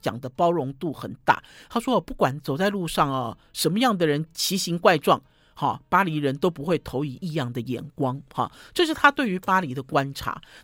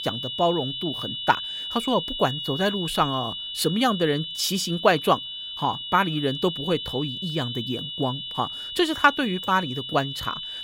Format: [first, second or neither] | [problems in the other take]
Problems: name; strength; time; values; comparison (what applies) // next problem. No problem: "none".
first | high-pitched whine; loud; throughout; 3 kHz, 5 dB below the speech